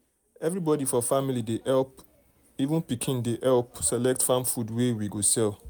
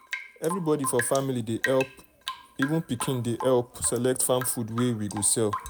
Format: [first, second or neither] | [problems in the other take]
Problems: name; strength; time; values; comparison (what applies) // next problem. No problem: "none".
first | background sound (Drip / Rain); 11 dB below the speech